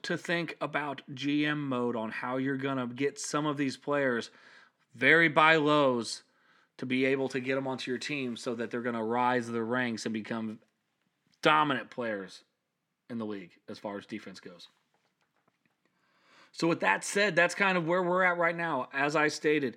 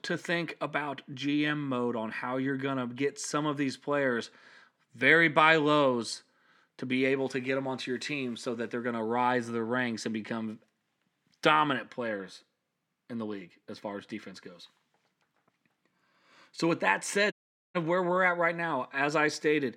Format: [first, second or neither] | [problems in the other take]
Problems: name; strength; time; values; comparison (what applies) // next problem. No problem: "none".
first | audio cutting out; at 17 s